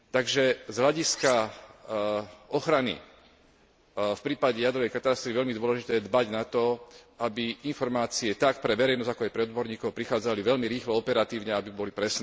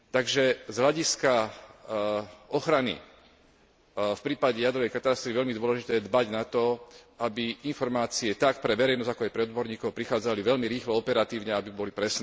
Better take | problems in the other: second | background sound (Cutlery, silverware); 11 dB below the speech

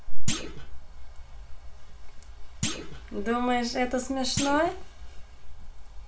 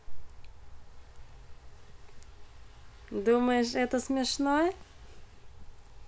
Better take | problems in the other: second | background sound (Thump, thud); 14 dB below the speech // room echo; dies away in 0.3 s

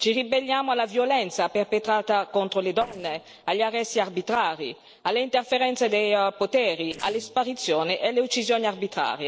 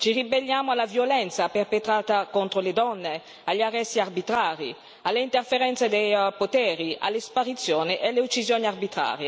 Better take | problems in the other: second | noise reduction (neural separator model SepFormer DNS4)

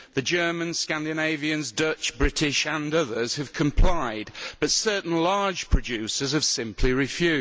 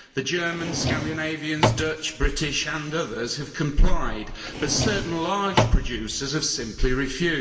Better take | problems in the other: first | background sound (Drawer open or close); 2 dB below the speech // room echo; dies away in 2.6 s

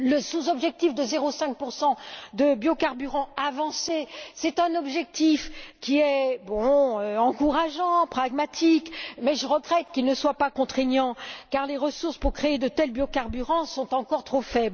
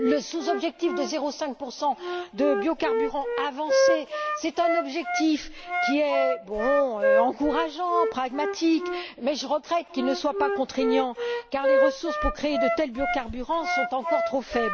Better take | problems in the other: first | background sound (Wind instrument, woodwind instrument); 1 dB below the speech

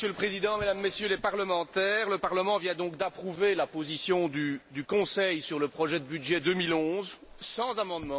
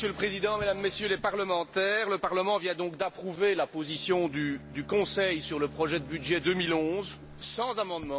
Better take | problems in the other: first | background sound (Bowed string instrument); 19 dB below the speech

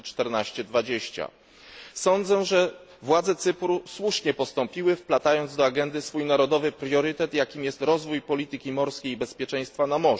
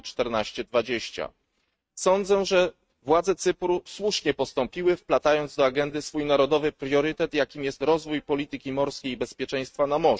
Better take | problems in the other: first | noise reduction (neural mask model RNNoise)

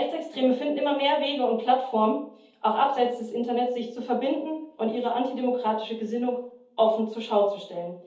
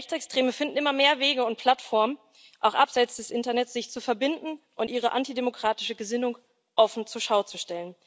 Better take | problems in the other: second | room echo; dies away in 0.6 s

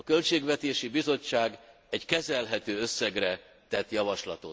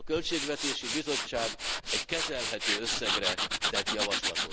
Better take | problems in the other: first | background sound (Tools); 3 dB above the speech

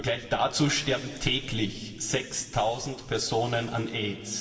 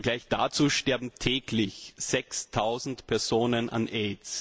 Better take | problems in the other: second | room echo; dies away in 2.4 s

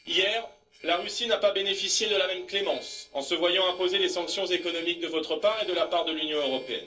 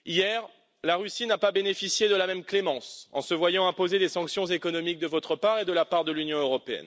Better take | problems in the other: second | noise reduction (neural separator model SepFormer DNS4)

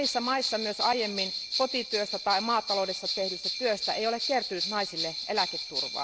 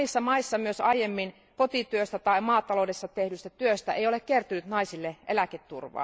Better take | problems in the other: second | background sound (Bell); 3 dB below the speech

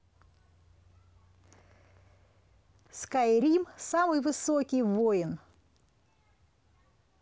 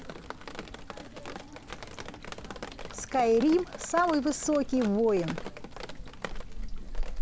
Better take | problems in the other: first | background sound (Drip); 6 dB below the speech

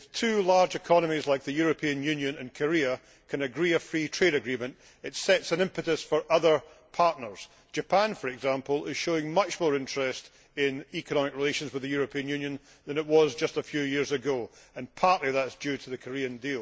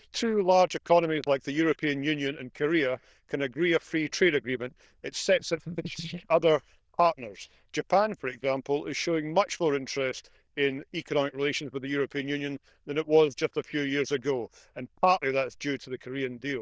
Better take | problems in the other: first | noise reduction (neural diffusion model UNIVERSE++)

